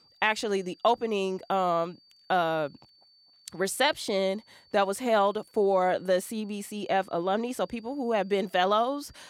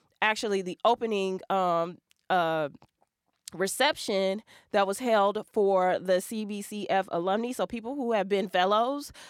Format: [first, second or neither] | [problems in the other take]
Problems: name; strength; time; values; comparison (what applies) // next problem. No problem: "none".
second | high-pitched whine; faint; throughout; 4.5 kHz, 30 dB below the speech